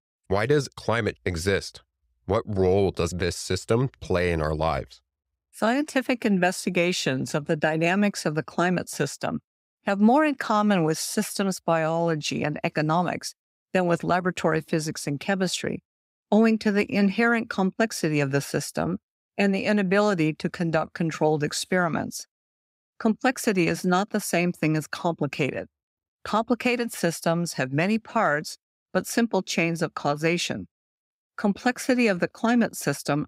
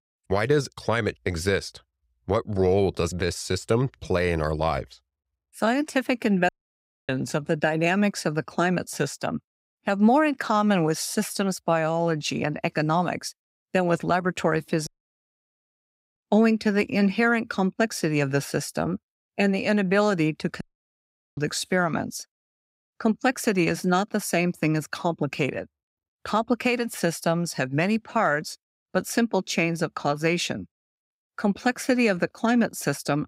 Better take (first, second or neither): first